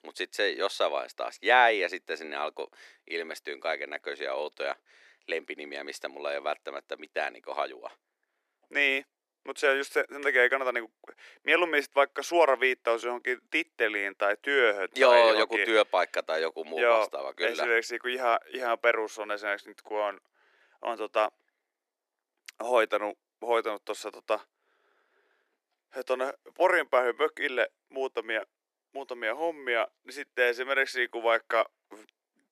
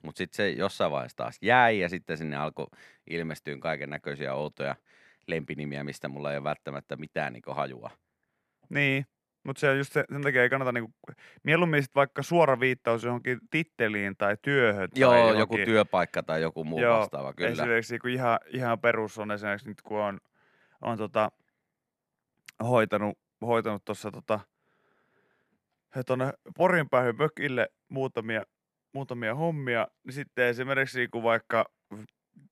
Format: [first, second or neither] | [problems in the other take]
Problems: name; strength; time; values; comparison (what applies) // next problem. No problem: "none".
second | thin; very; fading below 300 Hz